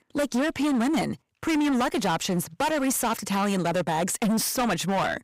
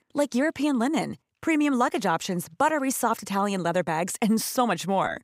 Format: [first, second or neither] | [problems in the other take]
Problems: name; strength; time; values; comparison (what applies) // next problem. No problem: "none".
second | distortion; heavy; 24% of the sound clipped